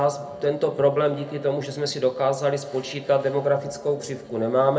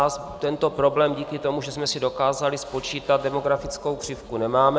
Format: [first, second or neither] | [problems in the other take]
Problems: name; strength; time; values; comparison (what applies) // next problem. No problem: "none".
second | room echo; dies away in 0.3 s